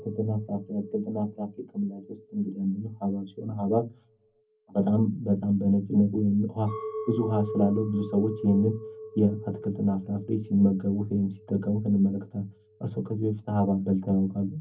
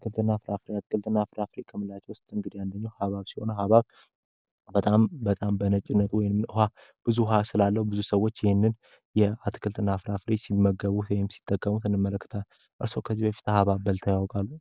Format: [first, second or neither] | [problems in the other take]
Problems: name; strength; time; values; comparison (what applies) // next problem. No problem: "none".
second | background sound (Chink, clink); 15 dB below the speech // room echo; dies away in 0.3 s